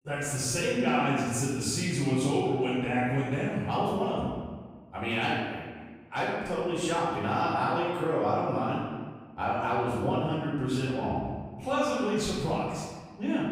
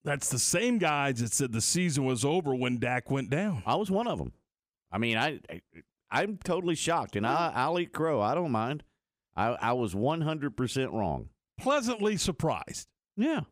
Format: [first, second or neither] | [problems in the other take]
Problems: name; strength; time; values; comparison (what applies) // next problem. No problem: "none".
second | room echo; strong; dies away in 1.4 s // off-mic speech; far